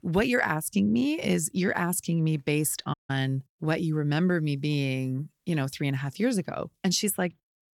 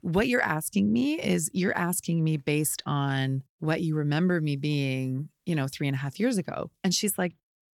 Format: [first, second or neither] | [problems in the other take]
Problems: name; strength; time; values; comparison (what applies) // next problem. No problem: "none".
second | audio cutting out; at 3 s